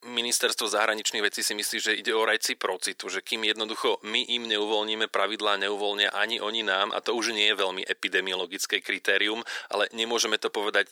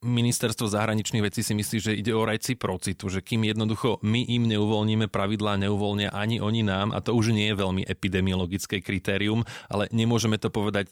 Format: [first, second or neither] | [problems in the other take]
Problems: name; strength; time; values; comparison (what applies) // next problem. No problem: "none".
second | thin; very; fading below 350 Hz